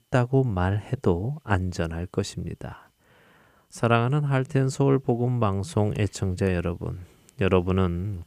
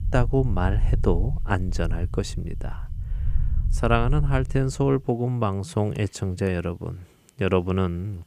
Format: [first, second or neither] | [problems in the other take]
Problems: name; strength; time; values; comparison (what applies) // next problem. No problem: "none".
first | low rumble; noticeable; until 5 s; 20 dB below the speech